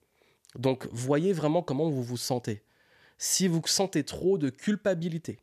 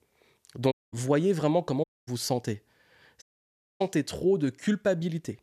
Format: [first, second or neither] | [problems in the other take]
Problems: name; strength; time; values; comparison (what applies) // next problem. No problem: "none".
first | audio cutting out; at 0.5 s, at 2 s and at 3 s for 0.5 s